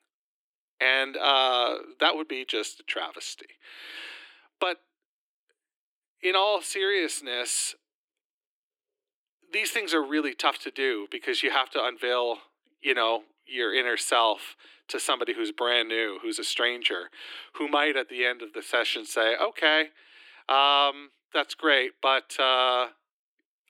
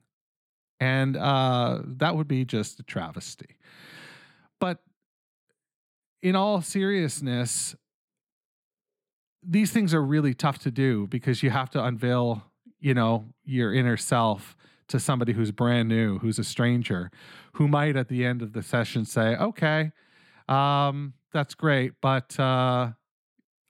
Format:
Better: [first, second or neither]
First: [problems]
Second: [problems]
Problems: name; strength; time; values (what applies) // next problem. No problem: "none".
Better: second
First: thin; very; fading below 300 Hz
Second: none